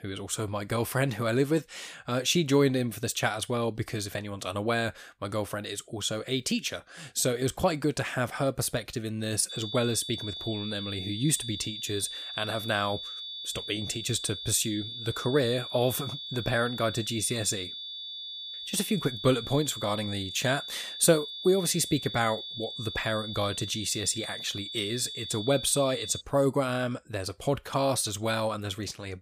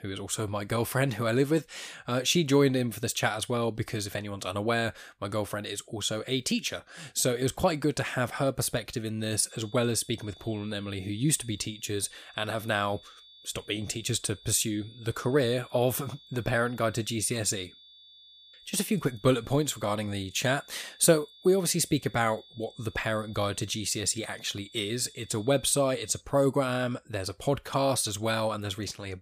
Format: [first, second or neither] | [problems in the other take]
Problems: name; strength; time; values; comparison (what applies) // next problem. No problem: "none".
second | high-pitched whine; loud; from 9.5 to 26 s; 3.5 kHz, 7 dB below the speech; faint in the second